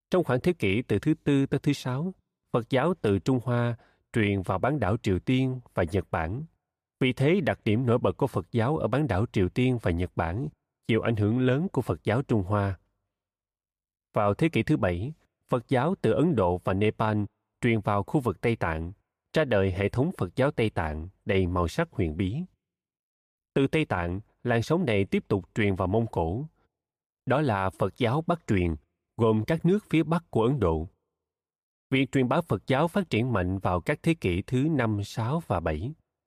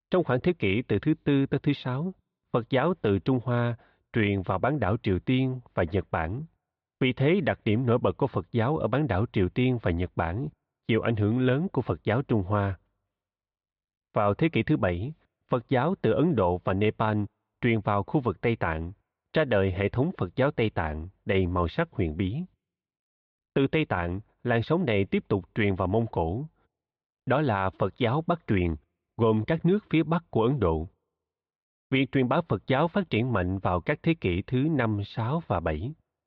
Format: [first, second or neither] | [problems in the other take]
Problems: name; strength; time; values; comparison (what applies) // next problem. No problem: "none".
first | muffled; slightly; fading above 4 kHz